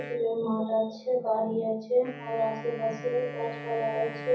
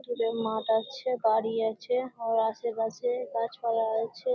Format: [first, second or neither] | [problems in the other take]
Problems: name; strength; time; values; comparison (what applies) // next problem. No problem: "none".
second | background sound (Wind instrument, woodwind instrument); 13 dB below the speech // room echo; dies away in 0.6 s